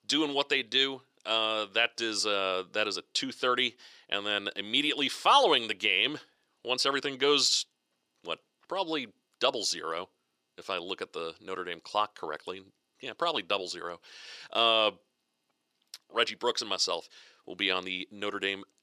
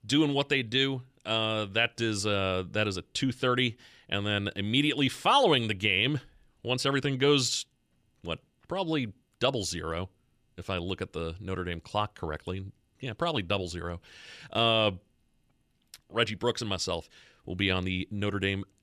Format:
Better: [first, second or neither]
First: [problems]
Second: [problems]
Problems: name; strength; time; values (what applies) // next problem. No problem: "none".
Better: second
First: thin; somewhat; fading below 400 Hz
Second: none